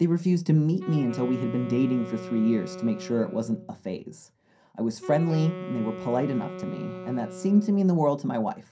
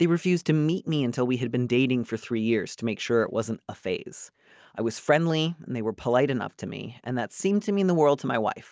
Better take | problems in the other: second | background sound (Wind instrument, woodwind instrument); 13 dB below the speech // room echo; dies away in 0.3 s

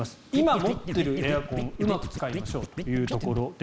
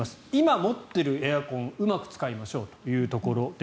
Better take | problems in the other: second | background sound (Scratching (performance technique)); 5 dB below the speech

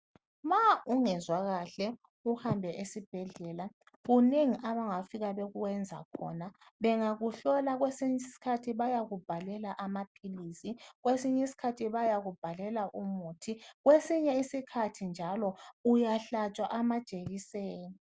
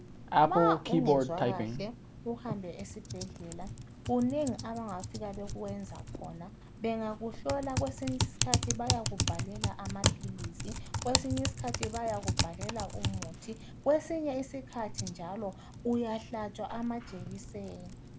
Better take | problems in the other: first | background sound (Typing); 2 dB above the speech

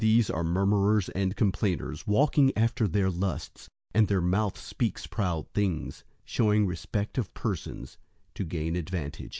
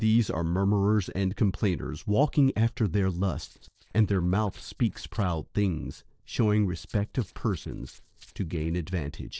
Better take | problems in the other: first | noise reduction (neural separator model SepFormer DNS4)

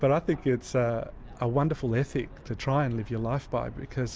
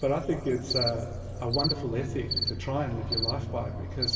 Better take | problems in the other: first | background sound (Cricket); 3 dB below the speech // room echo; dies away in 2.8 s

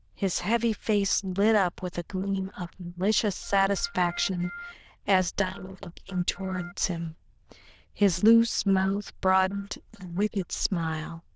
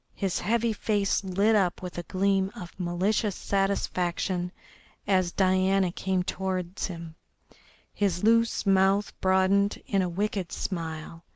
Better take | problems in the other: second | noise reduction (neural diffusion model UNIVERSE++)

